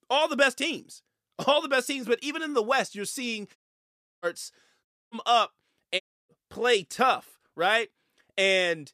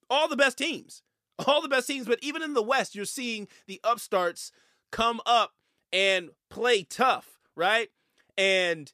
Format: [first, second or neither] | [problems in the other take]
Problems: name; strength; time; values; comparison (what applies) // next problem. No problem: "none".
second | audio cutting out; at 3.5 s for 0.5 s, at 5 s and at 6 s